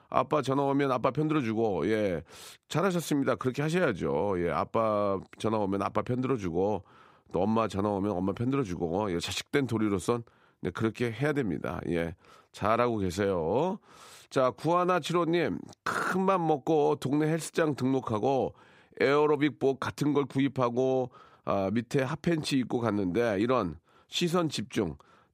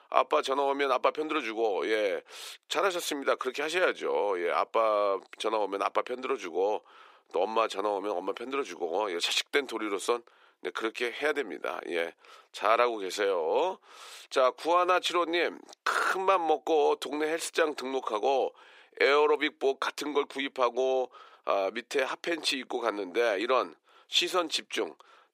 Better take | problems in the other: first | thin; very; fading below 400 Hz

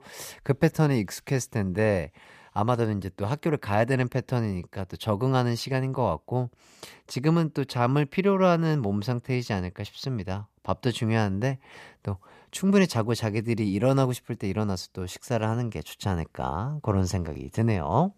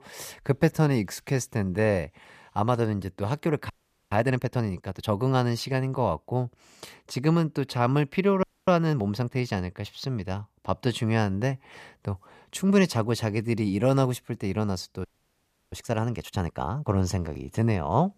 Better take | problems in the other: first | audio freezing; at 3.5 s, at 8.5 s and at 15 s for 0.5 s

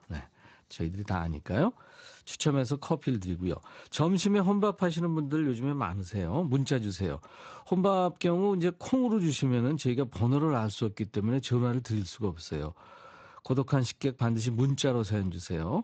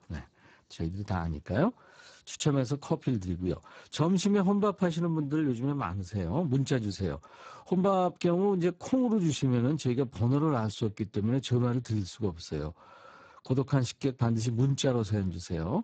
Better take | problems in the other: first | garbled, watery; badly; nothing above 7.5 kHz; slightly in the first

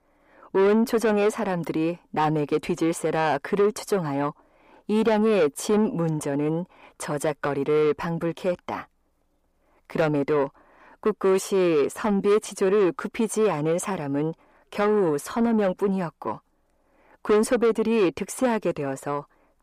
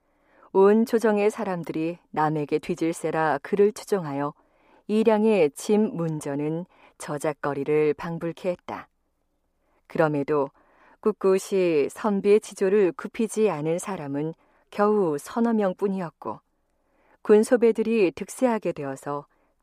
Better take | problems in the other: second | distortion; slight; 10 dB below the speech

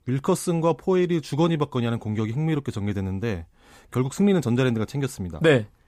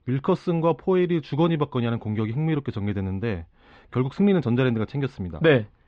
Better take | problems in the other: first | muffled; slightly; fading above 4 kHz

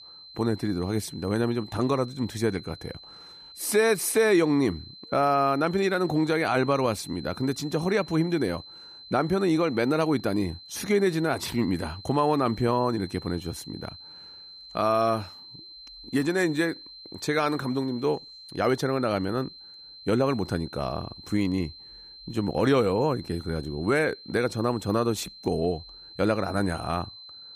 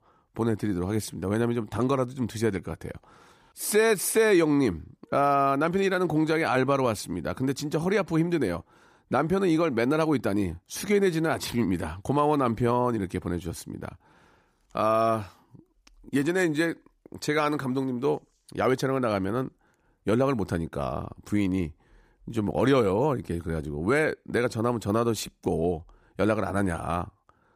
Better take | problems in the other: second | high-pitched whine; noticeable; throughout; 4 kHz, 15 dB below the speech

